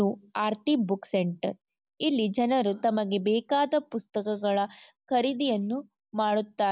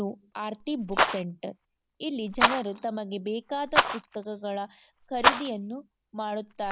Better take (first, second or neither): first